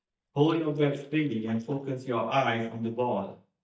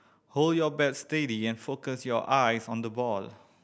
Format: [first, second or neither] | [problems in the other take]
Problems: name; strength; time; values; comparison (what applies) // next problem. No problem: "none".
second | noise reduction (neural mask model DeepFilterNet 3)